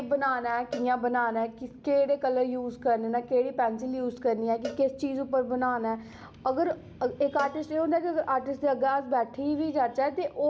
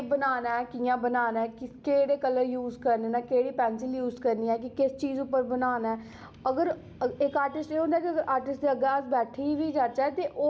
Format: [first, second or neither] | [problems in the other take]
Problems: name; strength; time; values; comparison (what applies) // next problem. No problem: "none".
second | background sound (Cowbell); 19 dB below the speech